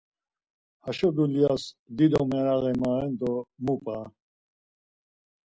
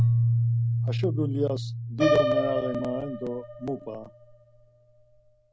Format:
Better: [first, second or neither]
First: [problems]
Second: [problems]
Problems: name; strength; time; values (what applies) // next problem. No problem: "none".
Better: first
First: none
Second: background sound (Piano + Keyboard (musical)); 5 dB above the speech